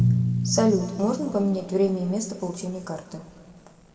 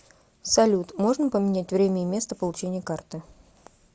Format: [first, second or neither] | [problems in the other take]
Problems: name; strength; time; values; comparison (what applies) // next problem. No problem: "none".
second | background sound (Drum); 3 dB below the speech // room echo; dies away in 1.7 s